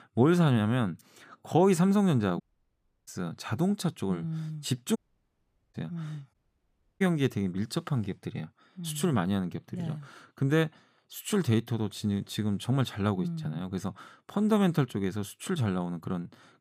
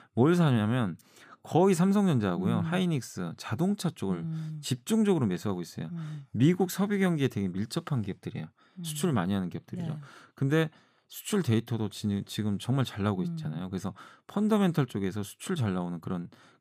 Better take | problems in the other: second | audio cutting out; at 2.5 s for 0.5 s, at 5 s for 1 s and at 6.5 s for 0.5 s

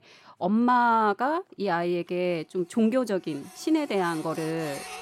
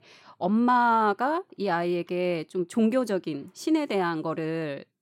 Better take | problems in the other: second | household noises; noticeable; throughout; 15 dB below the speech

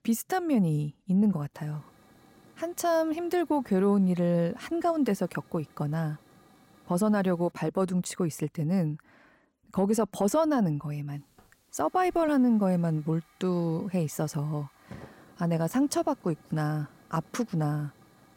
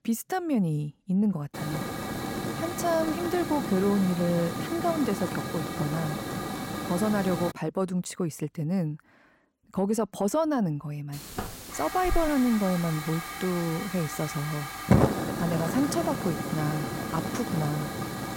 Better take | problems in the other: first | hiss; loud; from 1.5 to 7.5 s and from 11 s on; 3 dB below the speech; faint in the first

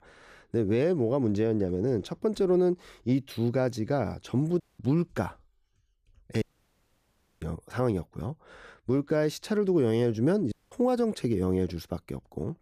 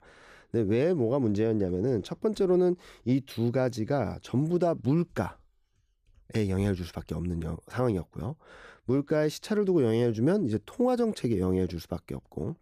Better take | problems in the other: second | audio cutting out; at 4.5 s, at 6.5 s for 1 s and at 11 s

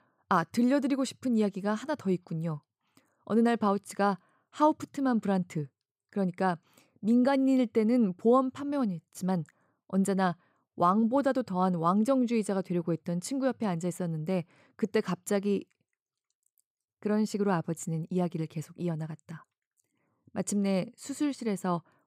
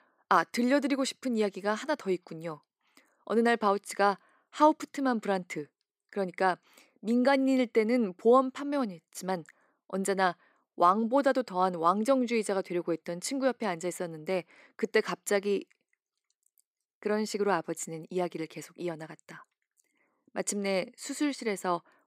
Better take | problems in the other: first | thin; very slightly; fading below 300 Hz

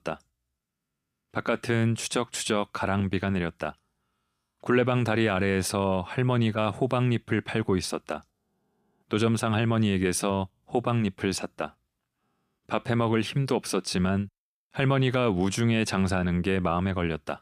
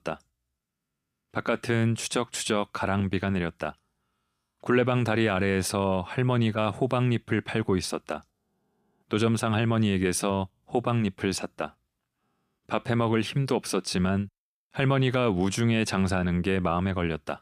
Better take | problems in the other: neither | none

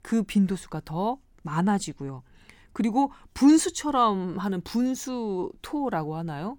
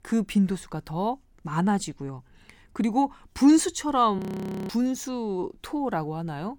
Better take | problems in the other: first | audio freezing; at 4 s for 0.5 s

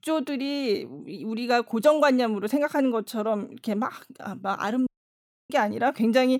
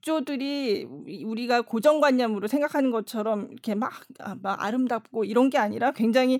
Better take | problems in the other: second | audio cutting out; at 5 s for 0.5 s

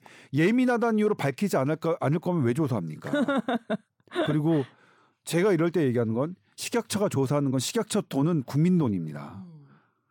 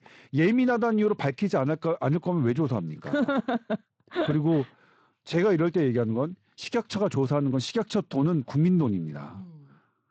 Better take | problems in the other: first | garbled, watery; slightly; nothing above 17.5 kHz

